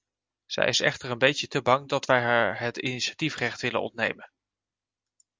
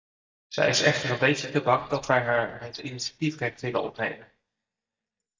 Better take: first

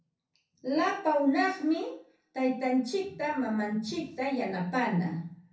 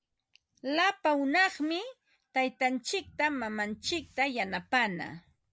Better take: second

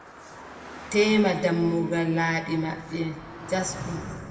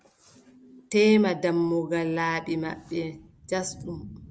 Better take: second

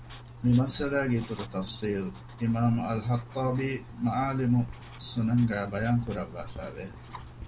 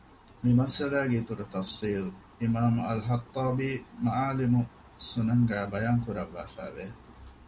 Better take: second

